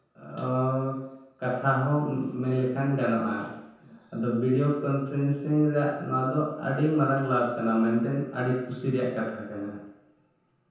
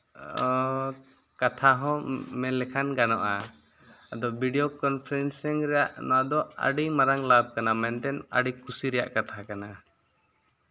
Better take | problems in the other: second | room echo; dies away in 0.9 s

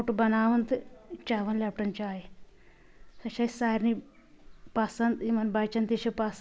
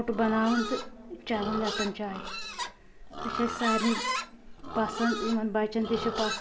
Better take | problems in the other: first | background sound (Livestock, farm animals, working animals); 5 dB below the speech // room echo; dies away in 2 s

